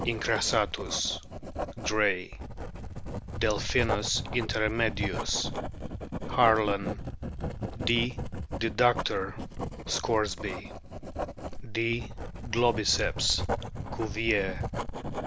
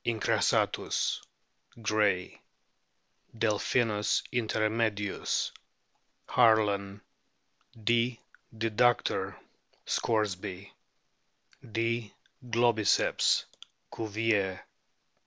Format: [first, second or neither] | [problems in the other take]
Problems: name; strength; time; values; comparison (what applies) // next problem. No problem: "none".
second | background sound (Writing); 4 dB below the speech